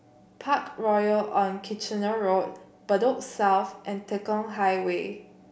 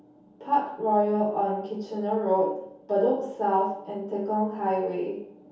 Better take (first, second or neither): first